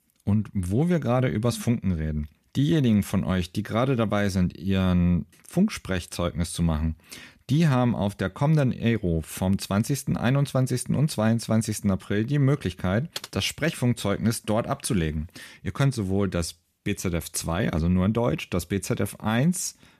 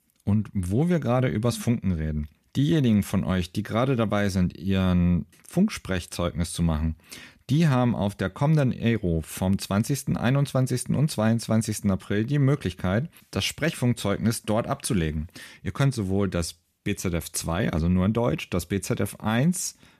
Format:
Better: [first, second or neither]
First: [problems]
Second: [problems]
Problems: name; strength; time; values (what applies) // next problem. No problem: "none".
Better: second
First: keyboard typing; faint; at 13 s; peak 10 dB below the speech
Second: none